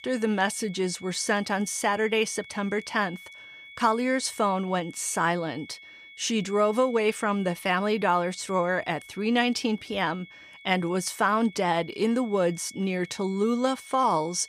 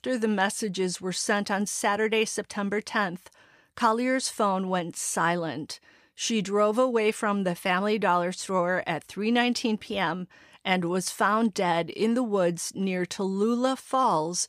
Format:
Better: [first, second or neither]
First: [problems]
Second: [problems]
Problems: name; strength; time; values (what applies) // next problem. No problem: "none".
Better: second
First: high-pitched whine; noticeable; throughout; 2 kHz, 20 dB below the speech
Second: none